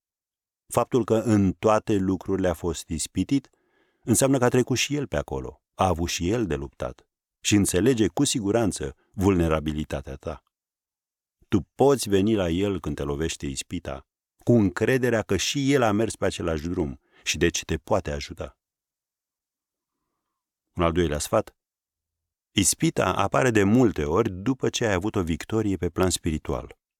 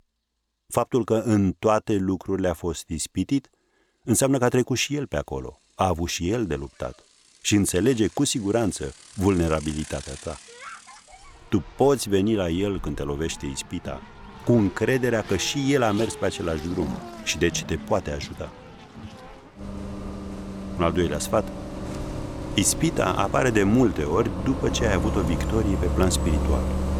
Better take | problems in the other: first | traffic noise; loud; throughout; 9 dB below the speech

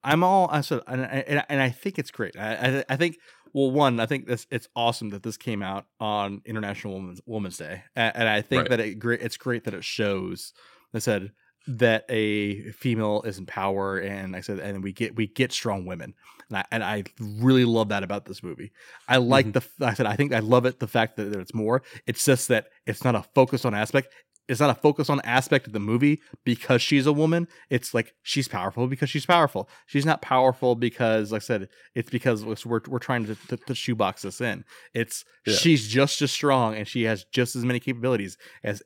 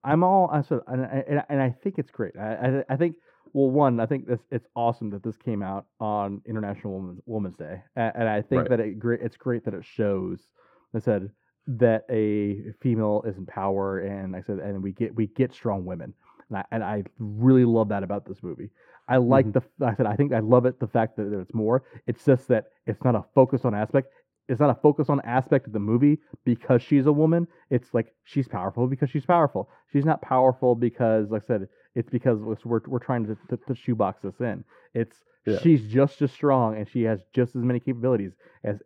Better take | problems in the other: first | muffled; very; fading above 2.5 kHz

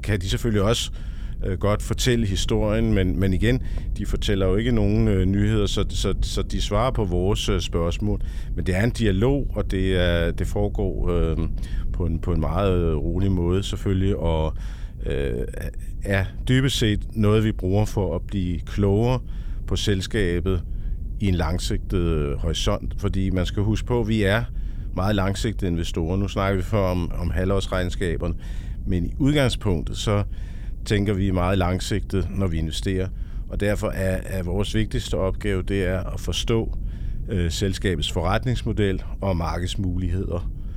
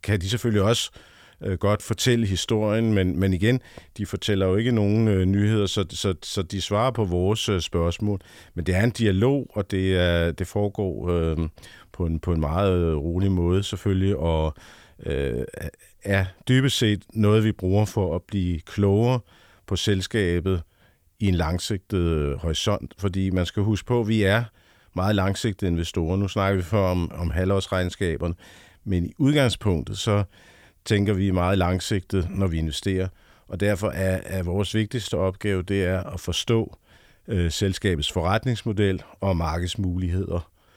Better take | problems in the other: second | low rumble; faint; throughout; 20 dB below the speech

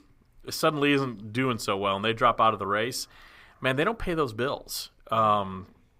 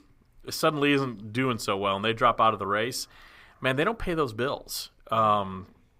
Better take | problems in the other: neither | none

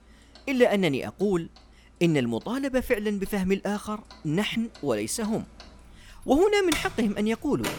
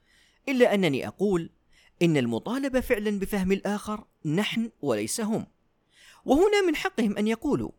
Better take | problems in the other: second | household noises; noticeable; throughout; 15 dB below the speech

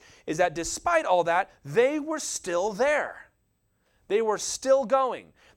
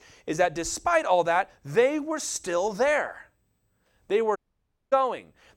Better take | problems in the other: first | audio cutting out; at 4.5 s for 0.5 s

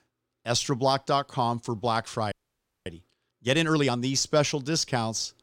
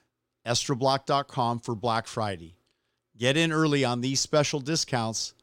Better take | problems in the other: second | audio freezing; at 2.5 s for 0.5 s

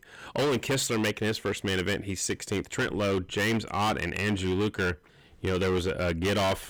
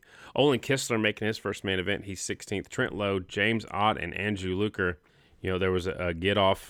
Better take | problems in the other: second | distortion; heavy; 17% of the sound clipped

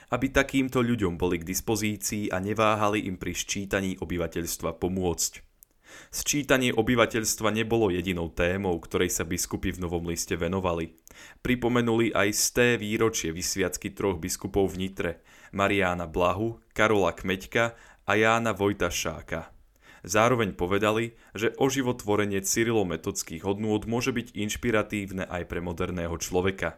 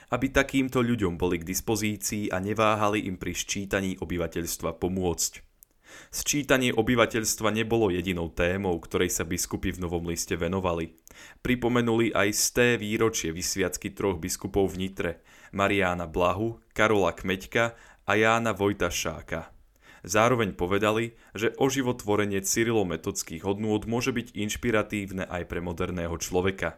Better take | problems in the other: neither | none

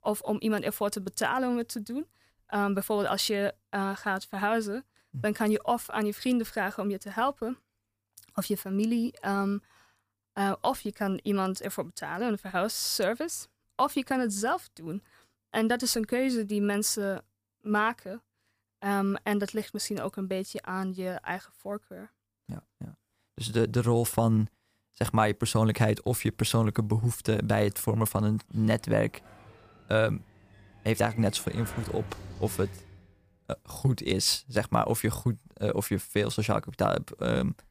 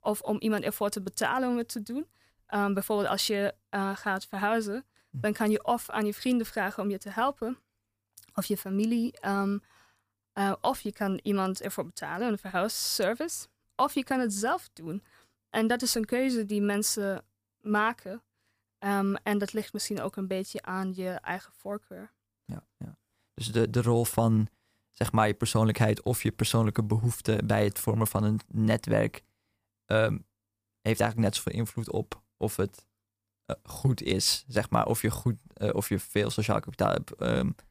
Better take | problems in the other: second | door banging; faint; from 29 to 33 s; peak 10 dB below the speech

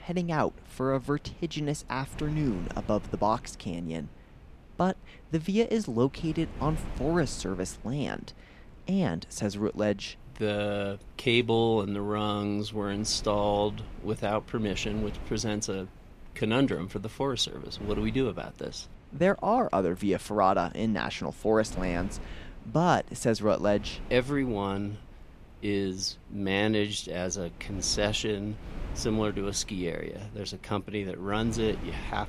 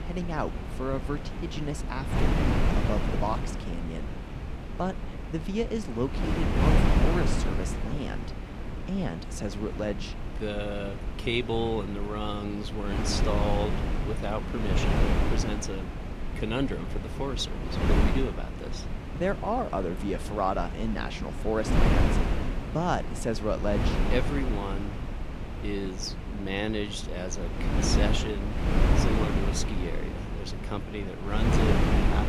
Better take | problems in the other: first | wind noise on the microphone; heavy; 2 dB below the speech; occasional gusts in the first

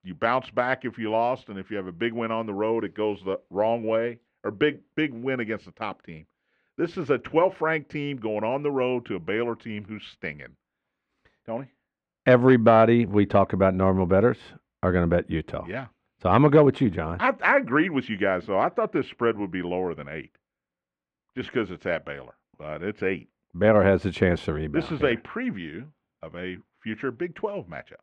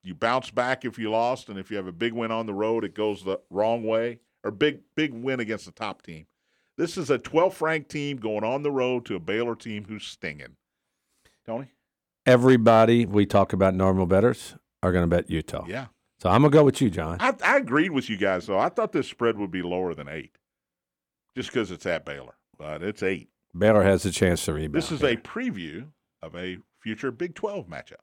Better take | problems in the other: second | muffled; slightly; fading above 2 kHz

